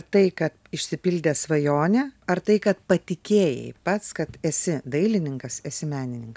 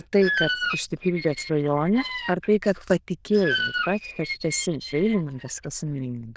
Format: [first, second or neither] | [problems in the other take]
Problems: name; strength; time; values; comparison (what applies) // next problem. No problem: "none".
first | noise reduction (neural diffusion model UNIVERSE++)